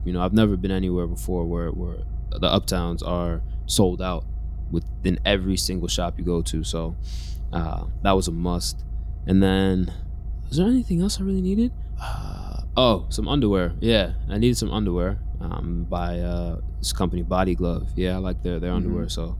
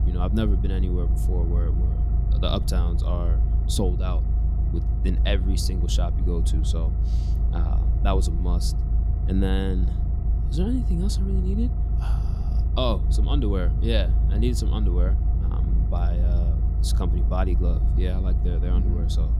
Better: first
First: low rumble; faint; throughout; 25 dB below the speech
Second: low rumble; loud; throughout; 8 dB below the speech

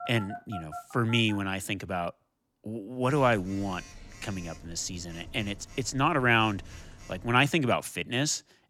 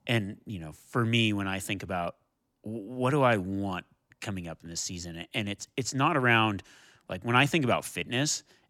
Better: second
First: phone ringing; faint; until 7.5 s; peak 10 dB below the speech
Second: none

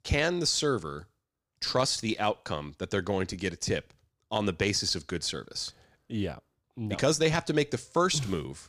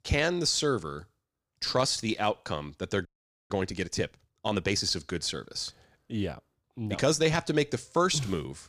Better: first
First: none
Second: audio freezing; at 3 s

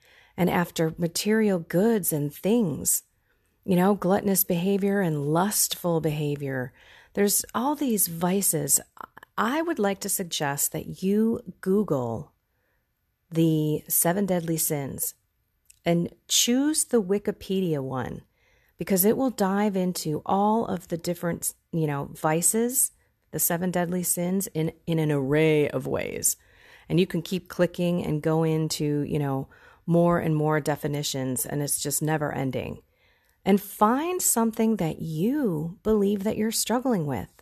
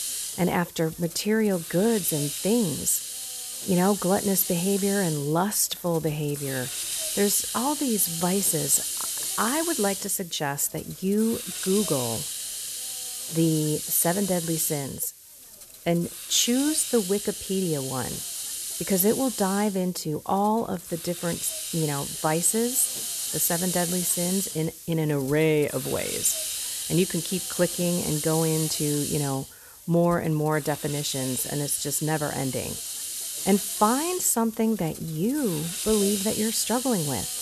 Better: first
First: none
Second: hiss; loud; throughout; 4 dB below the speech

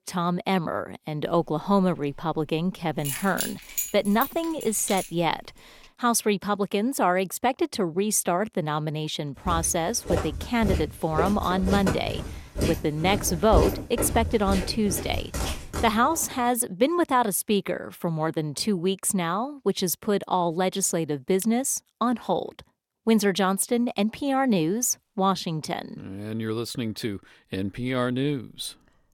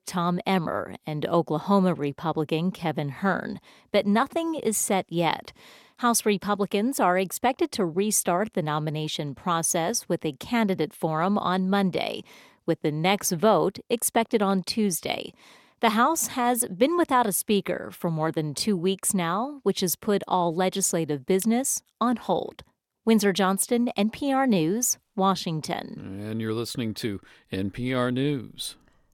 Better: second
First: jangling keys; noticeable; from 1.5 to 5 s; peak 3 dB below the speech // footsteps; loud; from 9.5 to 16 s; peak level with the speech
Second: none

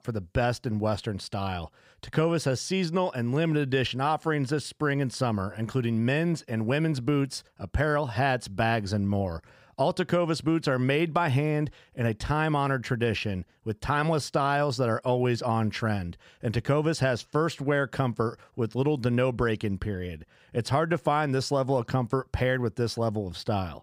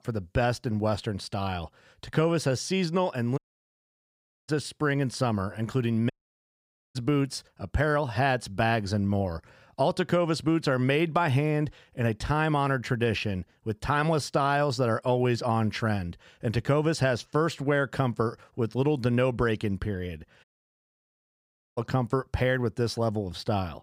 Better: first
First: none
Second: audio cutting out; at 3.5 s for 1 s, at 6 s for 1 s and at 20 s for 1.5 s

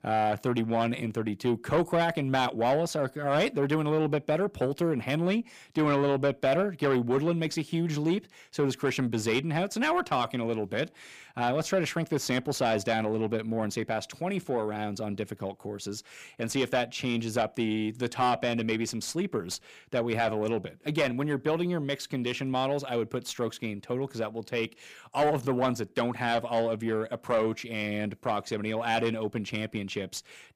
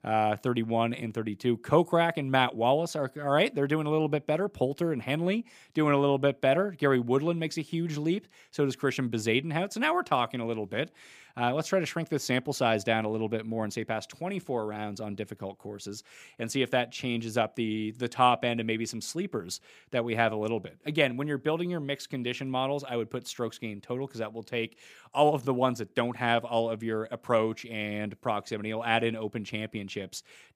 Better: second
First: distortion; slight; 10 dB below the speech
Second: none

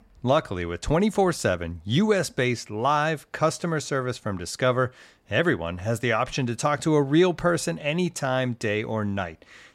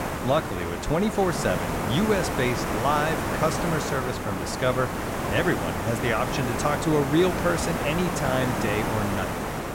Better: first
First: none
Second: hiss; loud; throughout; 2 dB below the speech

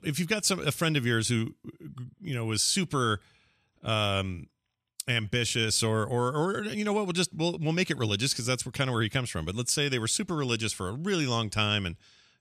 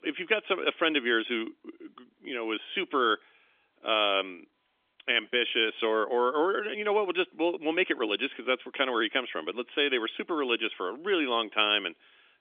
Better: first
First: none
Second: phone-call audio; nothing above 3.5 kHz

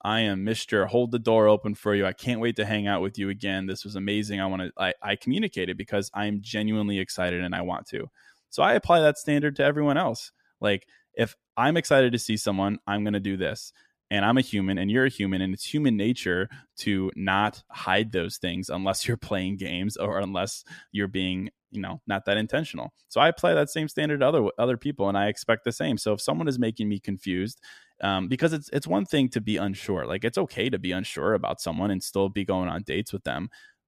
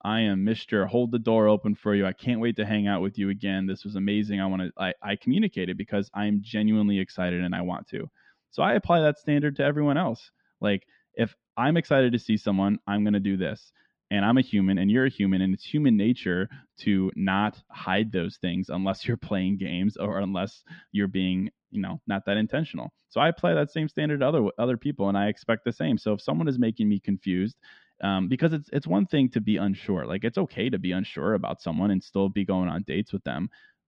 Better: first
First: none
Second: muffled; slightly; fading above 4 kHz

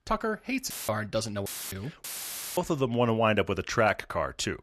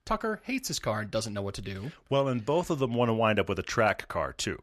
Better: second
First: audio cutting out; filled with static; at 0.5 s, at 1.5 s and at 2 s for 0.5 s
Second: none

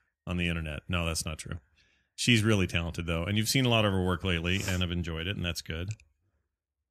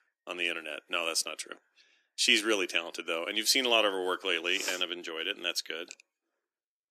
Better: first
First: none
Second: thin; very; fading below 300 Hz

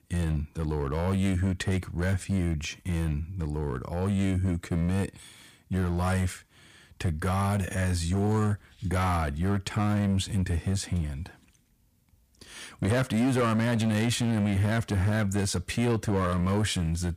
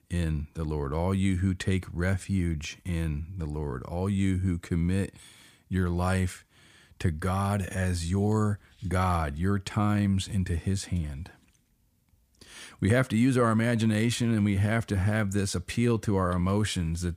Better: second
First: distortion; slight; 11% of the sound clipped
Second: none

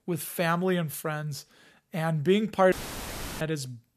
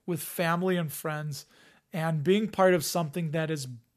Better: second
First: audio cutting out; filled with static; at 2.5 s for 0.5 s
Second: none

